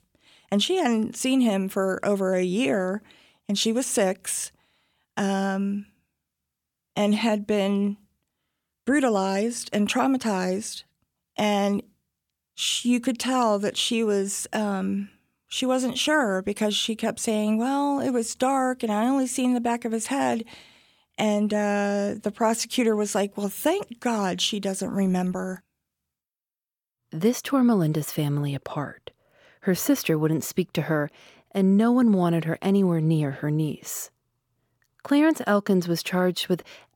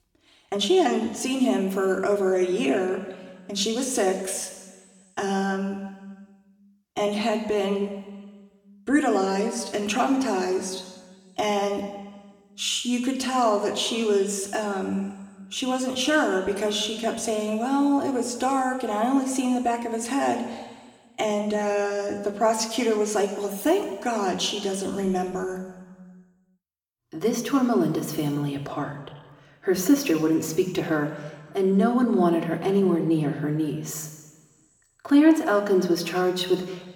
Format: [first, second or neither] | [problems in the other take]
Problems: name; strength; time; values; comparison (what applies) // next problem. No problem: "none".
first | room echo; slight; dies away in 1.3 s // off-mic speech; somewhat distant